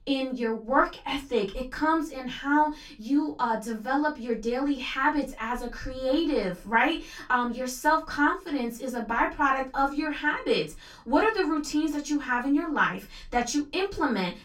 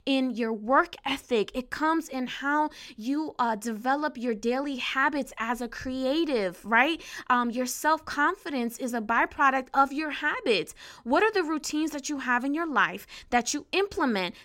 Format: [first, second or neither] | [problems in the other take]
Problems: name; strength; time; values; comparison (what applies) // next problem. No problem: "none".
second | off-mic speech; far // room echo; very slight; dies away in 0.2 s